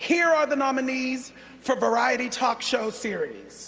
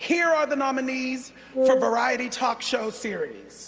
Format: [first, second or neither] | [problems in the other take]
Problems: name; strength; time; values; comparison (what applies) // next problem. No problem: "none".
first | background sound (Wind instrument, woodwind instrument); 3 dB above the speech